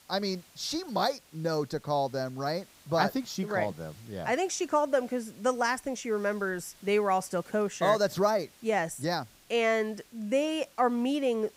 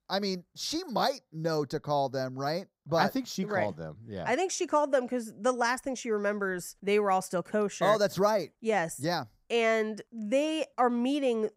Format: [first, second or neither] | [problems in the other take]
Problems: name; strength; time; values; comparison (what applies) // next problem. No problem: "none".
second | hiss; faint; throughout; 25 dB below the speech